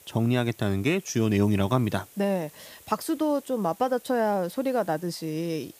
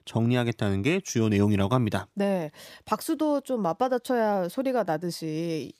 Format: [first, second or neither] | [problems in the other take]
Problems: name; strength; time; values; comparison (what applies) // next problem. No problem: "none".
second | hiss; faint; throughout; 25 dB below the speech